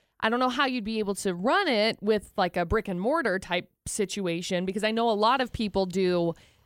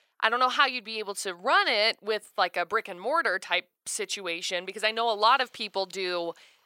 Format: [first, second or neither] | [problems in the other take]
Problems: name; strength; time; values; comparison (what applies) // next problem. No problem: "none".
first | thin; very; fading below 550 Hz